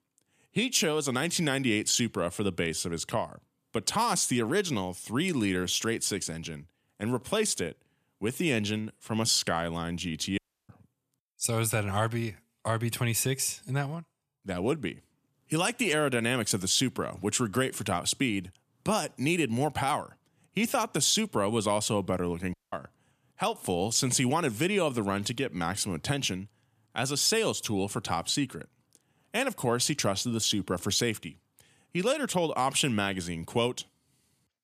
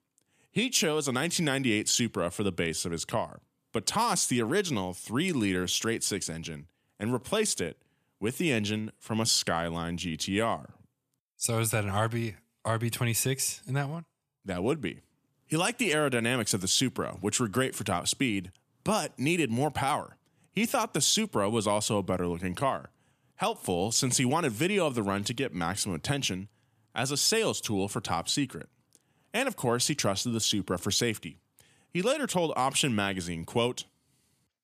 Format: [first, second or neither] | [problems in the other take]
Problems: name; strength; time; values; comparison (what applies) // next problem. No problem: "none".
second | audio cutting out; at 10 s and at 23 s